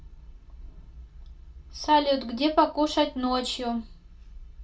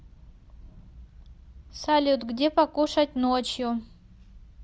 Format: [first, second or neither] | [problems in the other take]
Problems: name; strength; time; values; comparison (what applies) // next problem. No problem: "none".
second | room echo; dies away in 0.2 s